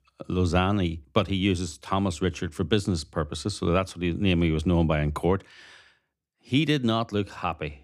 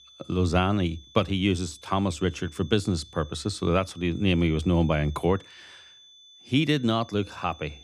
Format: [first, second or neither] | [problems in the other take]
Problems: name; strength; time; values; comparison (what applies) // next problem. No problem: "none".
first | high-pitched whine; faint; throughout; 3.5 kHz, 25 dB below the speech